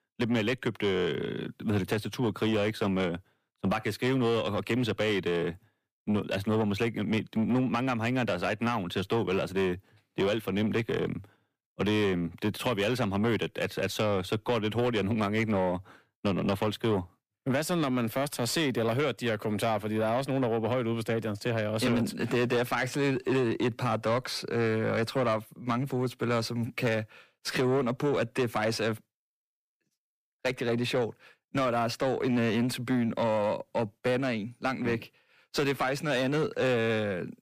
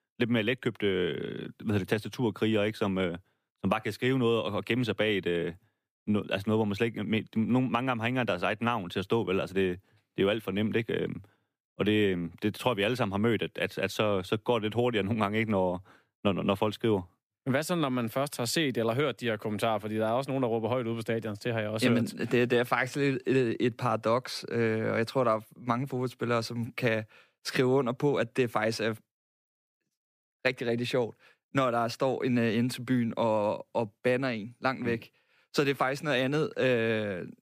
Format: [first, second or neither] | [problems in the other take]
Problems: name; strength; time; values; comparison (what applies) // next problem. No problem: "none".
second | distortion; slight; 10 dB below the speech